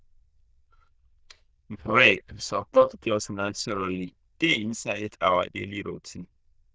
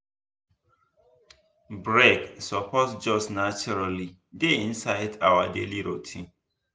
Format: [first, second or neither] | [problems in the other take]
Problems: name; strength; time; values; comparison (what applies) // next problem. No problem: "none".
second | noise reduction (neural diffusion model UNIVERSE++)